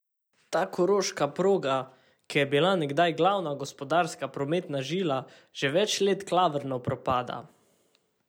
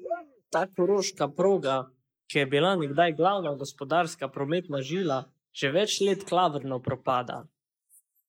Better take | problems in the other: first | noise reduction (neural mask model Resemble Enhance denoiser)

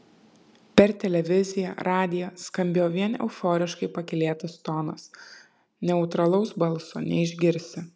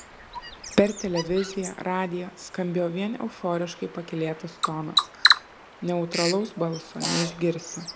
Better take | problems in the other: first | background sound (Bird vocalization, bird call, bird song); 2 dB below the speech

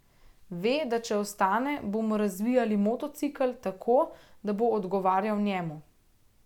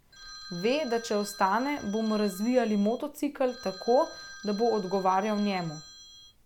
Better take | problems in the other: first | background sound (Telephone); 17 dB below the speech

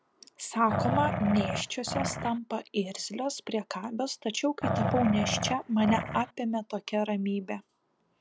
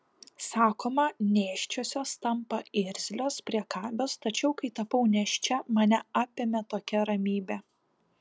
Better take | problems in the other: second | background sound (Growling); 1 dB below the speech

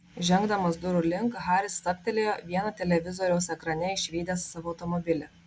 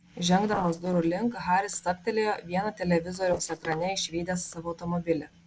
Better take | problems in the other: first | noise reduction (neural separator model SepFormer DNS4)

